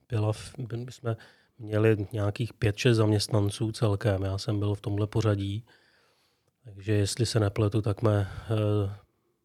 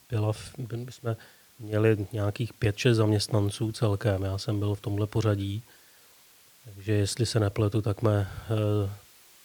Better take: first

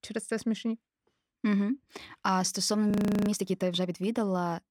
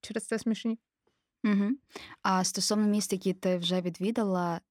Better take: second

